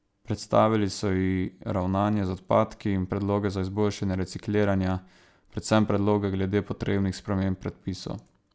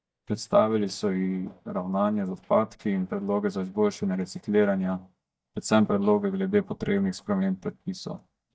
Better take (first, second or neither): first